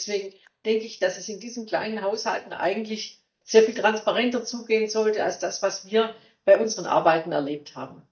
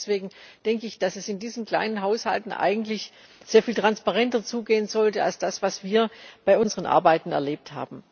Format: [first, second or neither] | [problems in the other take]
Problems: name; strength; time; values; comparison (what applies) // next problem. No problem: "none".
second | noise reduction (neural mask model DeepFilterNet 3)